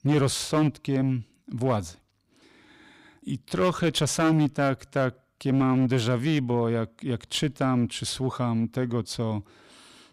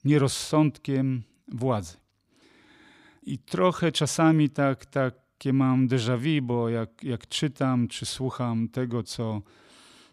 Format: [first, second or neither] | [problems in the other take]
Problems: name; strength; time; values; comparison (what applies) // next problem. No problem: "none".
second | distortion; slight; 7% of the sound clipped